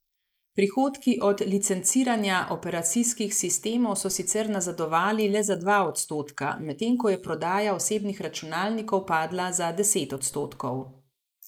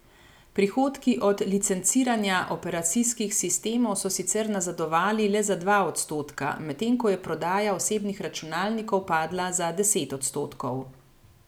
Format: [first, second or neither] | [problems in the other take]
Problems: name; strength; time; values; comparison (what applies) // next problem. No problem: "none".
second | noise reduction (neural mask model Resemble Enhance denoiser)